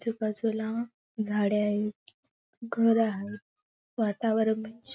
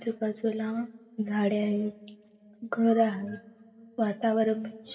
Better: first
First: none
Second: room echo; dies away in 1.5 s

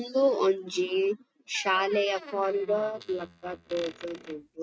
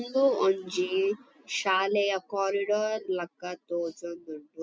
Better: second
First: noise reduction (neural mask model RNNoise)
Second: none

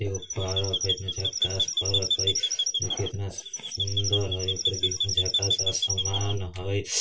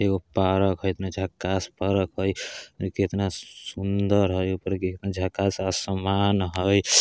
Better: second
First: background sound (Chirp, tweet); 2 dB above the speech // room echo; dies away in 0.2 s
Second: none

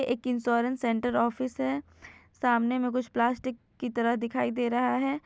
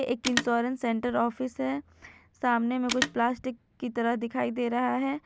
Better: first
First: none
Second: background sound (Telephone); 10 dB below the speech

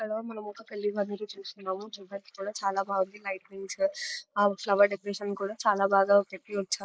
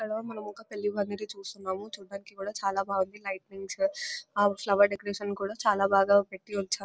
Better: second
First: noise reduction (neural mask model Resemble Enhance denoiser)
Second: none

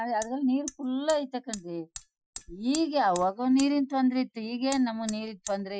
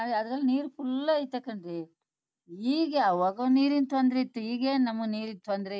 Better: second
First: noise reduction (classical method Wiener filter)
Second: none

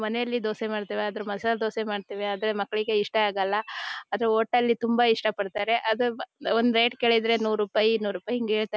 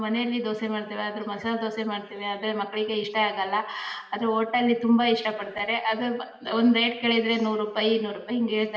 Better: first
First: none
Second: room echo; dies away in 1.5 s

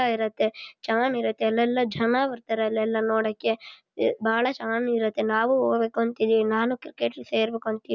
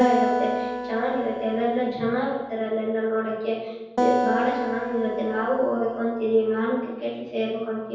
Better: first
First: none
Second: background sound (Acoustic guitar); 4 dB below the speech // room echo; dies away in 1.1 s

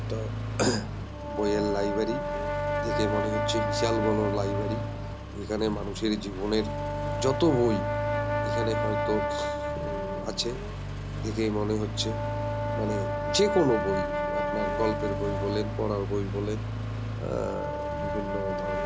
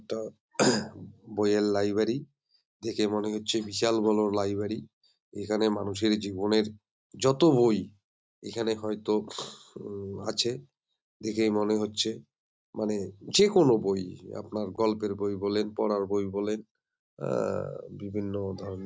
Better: second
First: background sound (Accelerating, revving, vroom + Brass instrument); as loud as the speech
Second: none

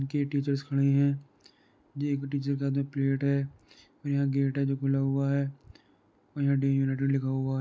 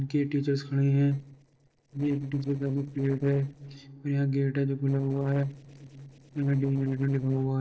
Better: first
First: none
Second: noise reduction (neural separator model SepFormer DNS4)

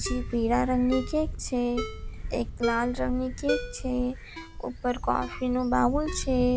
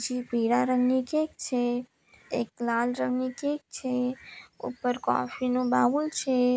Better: second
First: background sound (Ringtone + Camera); 6 dB below the speech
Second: none

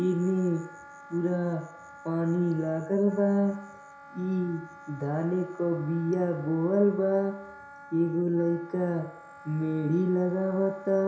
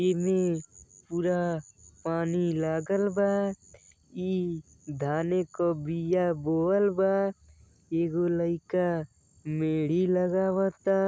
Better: second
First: background sound (Wind instrument, woodwind instrument); 20 dB below the speech // room echo; dies away in 0.7 s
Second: none

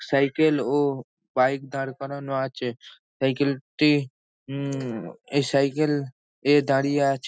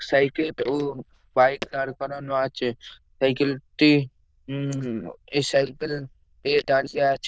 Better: first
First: none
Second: noise reduction (neural diffusion model UNIVERSE++)

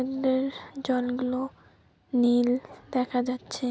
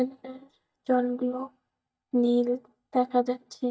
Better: first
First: none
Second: noise reduction (neural mask model DeepFilterNet 3)

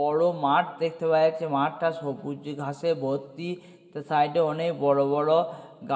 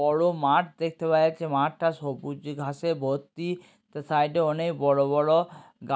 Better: second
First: room echo; dies away in 1.3 s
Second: none

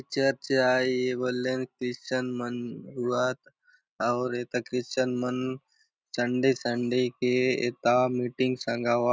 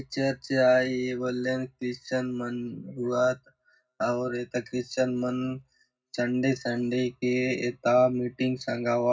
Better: first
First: none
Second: room echo; dies away in 0.4 s

